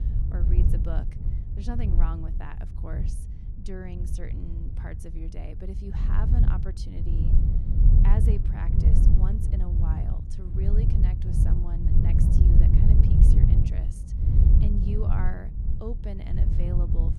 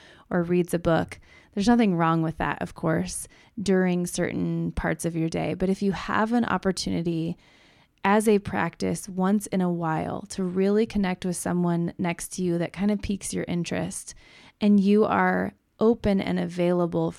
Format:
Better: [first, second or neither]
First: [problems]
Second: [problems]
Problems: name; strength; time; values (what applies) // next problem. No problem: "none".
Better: second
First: wind noise on the microphone; heavy; 3 dB above the speech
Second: none